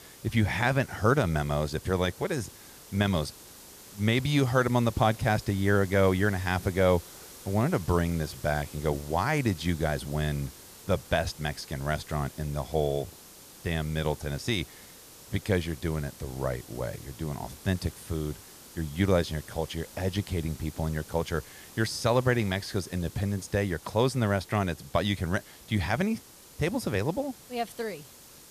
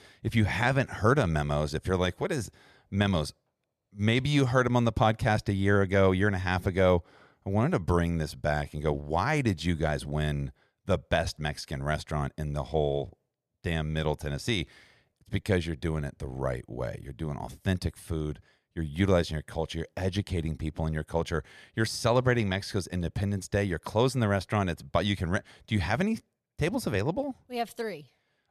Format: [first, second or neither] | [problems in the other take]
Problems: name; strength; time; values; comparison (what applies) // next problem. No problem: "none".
second | hiss; noticeable; throughout; 20 dB below the speech